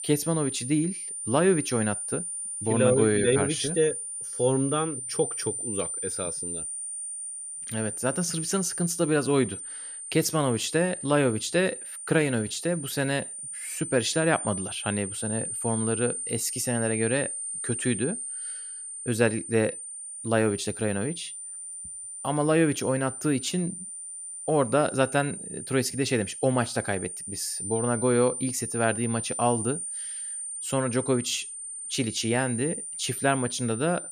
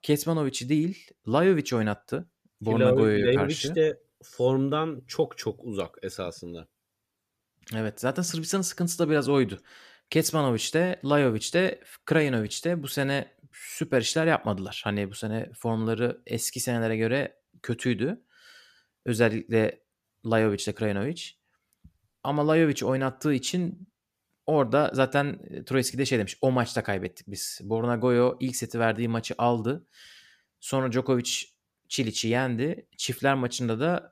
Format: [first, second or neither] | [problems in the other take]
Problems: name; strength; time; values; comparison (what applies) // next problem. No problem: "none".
second | high-pitched whine; loud; throughout; 9 kHz, 6 dB below the speech